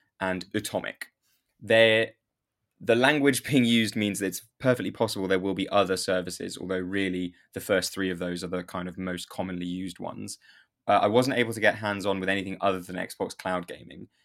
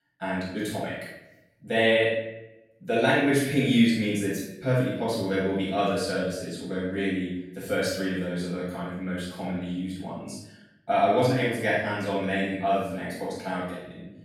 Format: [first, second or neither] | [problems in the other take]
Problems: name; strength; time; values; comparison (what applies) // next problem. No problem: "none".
first | off-mic speech; far // room echo; strong; dies away in 0.8 s